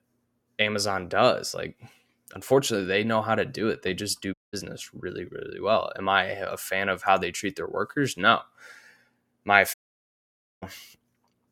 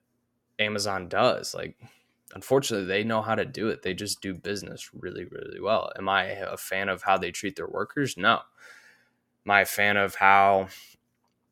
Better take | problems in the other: second | audio cutting out; at 4.5 s and at 9.5 s for 1 s

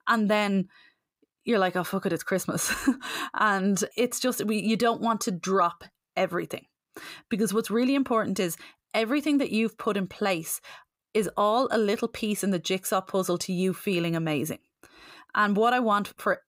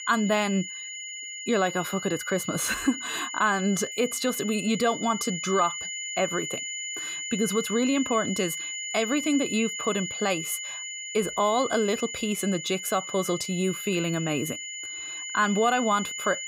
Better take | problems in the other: first | high-pitched whine; loud; throughout; 2 kHz, 6 dB below the speech

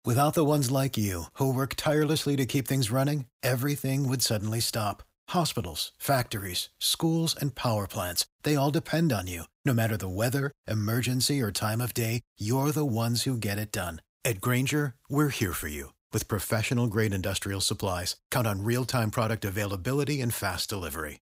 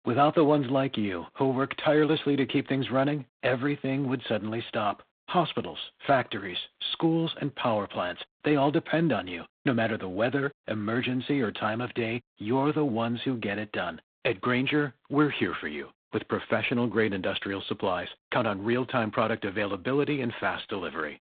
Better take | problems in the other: first | phone-call audio; poor line; nothing above 3.5 kHz

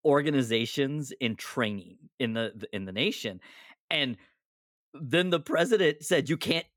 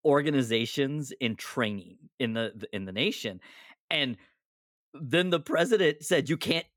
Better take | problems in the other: neither | none

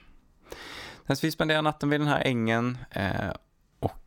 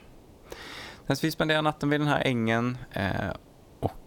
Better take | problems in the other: first | hiss; faint; throughout; 25 dB below the speech

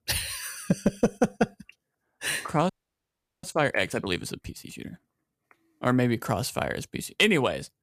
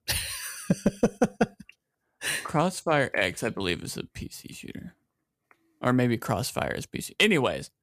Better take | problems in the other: second | audio freezing; at 2.5 s for 0.5 s

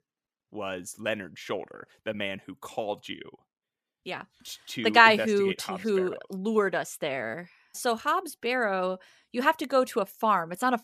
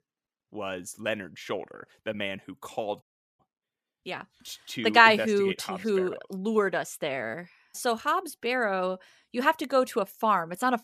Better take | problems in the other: first | audio cutting out; at 3 s

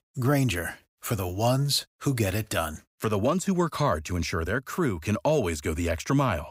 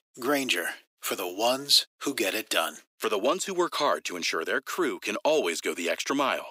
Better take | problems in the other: first | thin; somewhat; fading below 300 Hz

